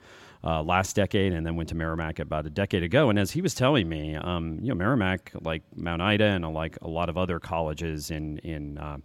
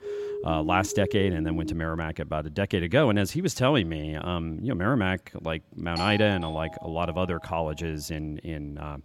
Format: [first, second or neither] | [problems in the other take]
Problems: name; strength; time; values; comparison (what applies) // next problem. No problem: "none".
first | siren; noticeable; until 1.5 s; peak 6 dB below the speech // doorbell; noticeable; from 6 to 7.5 s; peak 6 dB below the speech